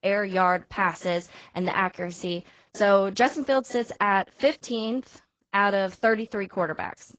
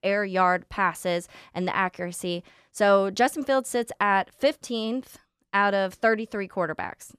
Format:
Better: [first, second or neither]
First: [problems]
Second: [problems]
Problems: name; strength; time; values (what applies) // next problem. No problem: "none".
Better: second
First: garbled, watery; badly; nothing above 7.5 kHz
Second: none